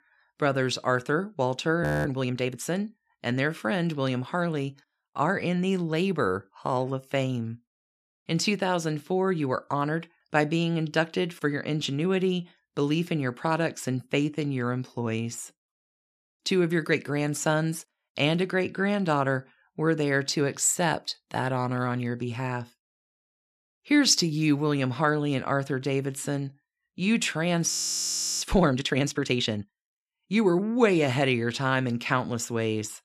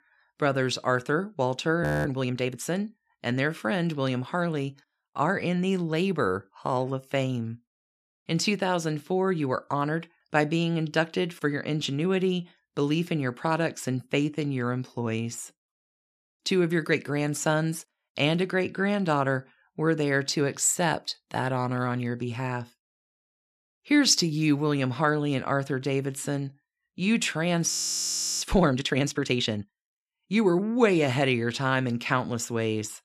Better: neither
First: audio freezing; at 2 s and at 28 s for 0.5 s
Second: audio freezing; at 2 s and at 28 s for 0.5 s

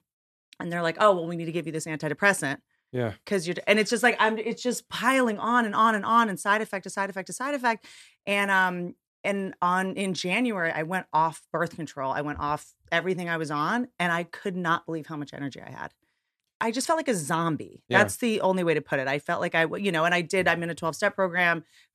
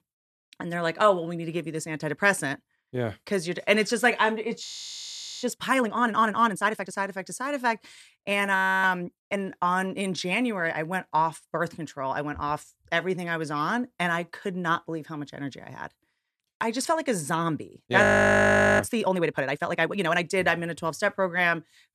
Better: first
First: none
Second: audio freezing; at 4.5 s for 1 s, at 8.5 s and at 18 s for 1 s

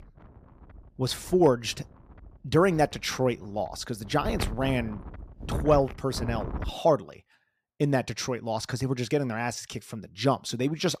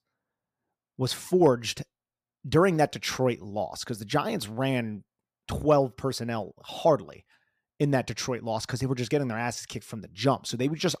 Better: second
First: wind noise on the microphone; occasional gusts; until 6.5 s; 15 dB below the speech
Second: none

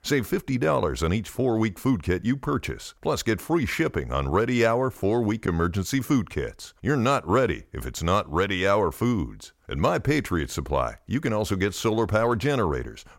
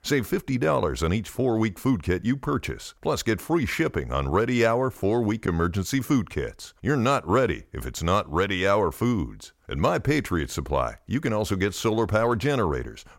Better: neither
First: none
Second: none

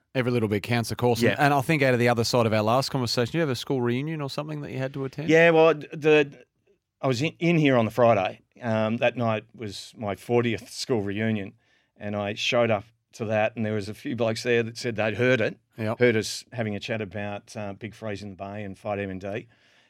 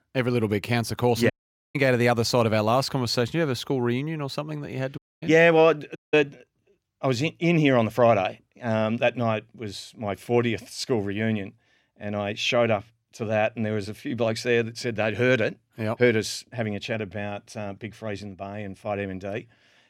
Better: first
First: none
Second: audio cutting out; at 1.5 s, at 5 s and at 6 s

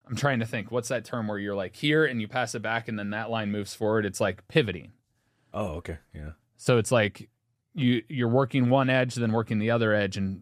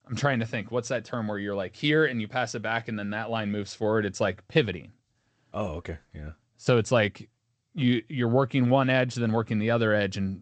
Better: first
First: none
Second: garbled, watery; slightly; nothing above 8 kHz

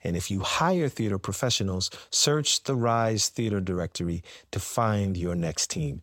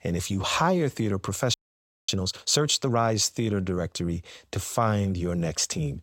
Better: first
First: none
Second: audio freezing; at 1.5 s for 0.5 s

